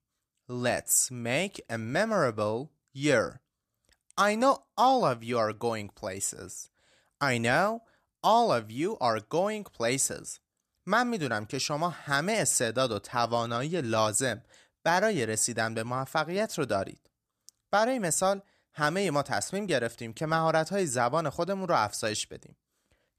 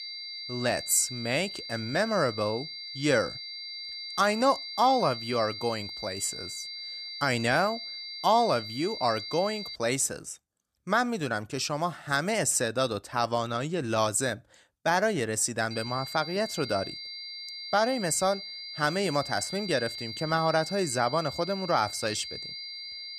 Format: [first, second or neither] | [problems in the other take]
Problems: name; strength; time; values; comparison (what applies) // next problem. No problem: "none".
first | high-pitched whine; loud; until 10 s and from 16 s on; 4.5 kHz, 8 dB below the speech